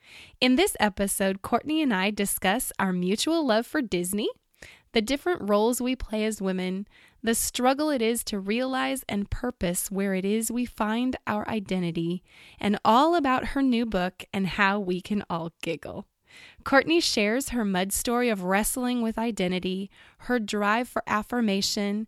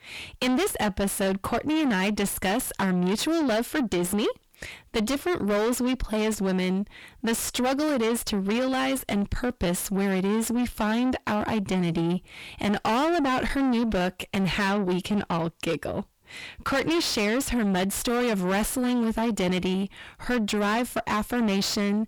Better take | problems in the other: first | distortion; heavy; 6 dB below the speech

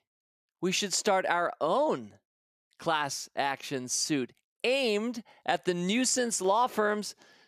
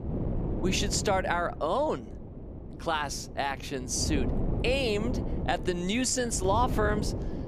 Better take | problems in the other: first | wind noise on the microphone; occasional gusts; 10 dB below the speech

